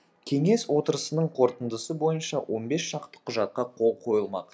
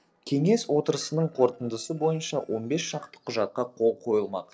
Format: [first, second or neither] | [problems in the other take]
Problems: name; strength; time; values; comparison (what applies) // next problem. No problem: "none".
first | noise reduction (neural separator model SepFormer DNS4)